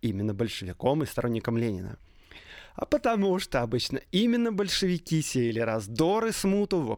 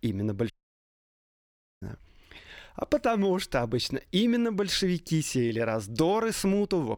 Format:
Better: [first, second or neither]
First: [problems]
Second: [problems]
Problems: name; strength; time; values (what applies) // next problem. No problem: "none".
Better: first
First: none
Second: audio cutting out; at 0.5 s for 1.5 s